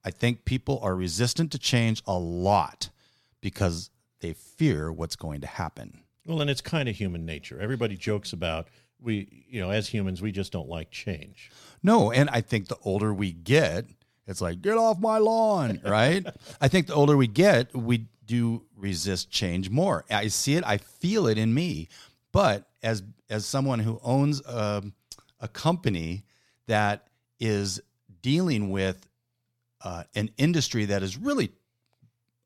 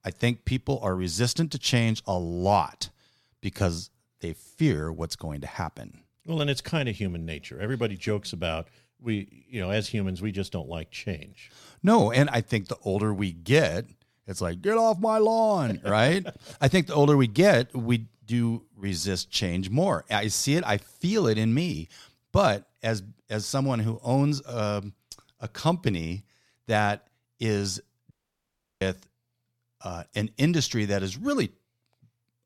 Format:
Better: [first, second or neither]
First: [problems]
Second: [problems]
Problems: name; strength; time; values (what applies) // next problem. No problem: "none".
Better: first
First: none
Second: audio cutting out; at 28 s for 0.5 s